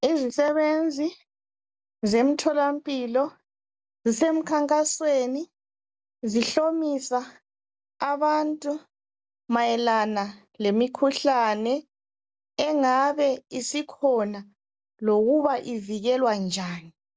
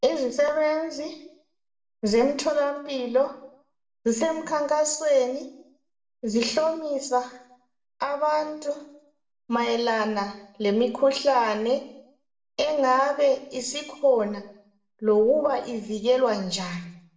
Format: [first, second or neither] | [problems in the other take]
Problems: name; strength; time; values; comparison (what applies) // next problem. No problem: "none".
first | room echo; dies away in 0.7 s